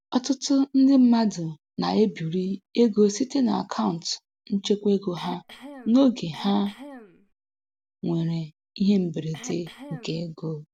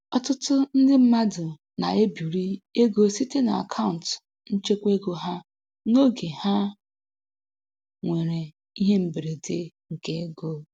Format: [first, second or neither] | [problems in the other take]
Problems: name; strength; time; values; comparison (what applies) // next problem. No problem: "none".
second | background sound (Cough); 19 dB below the speech